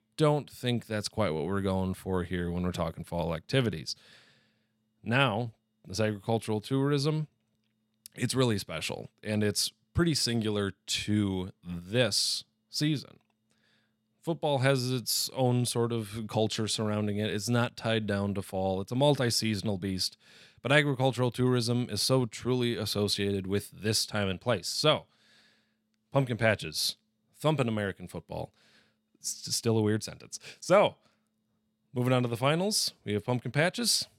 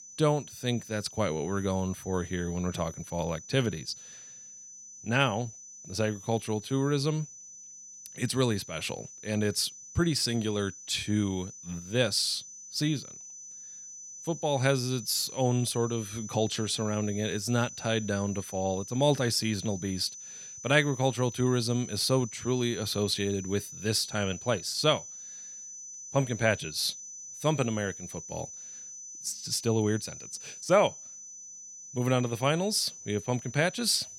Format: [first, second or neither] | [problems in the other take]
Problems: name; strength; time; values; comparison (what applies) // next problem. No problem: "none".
first | high-pitched whine; noticeable; throughout; 6 kHz, 15 dB below the speech